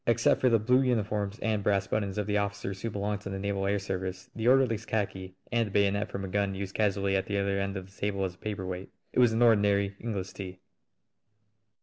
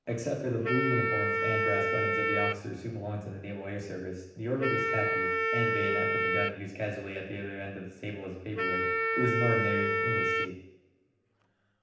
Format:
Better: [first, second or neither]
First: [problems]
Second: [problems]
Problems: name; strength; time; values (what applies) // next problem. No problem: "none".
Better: first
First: none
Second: background sound (Wind instrument, woodwind instrument); 3 dB above the speech // room echo; dies away in 0.9 s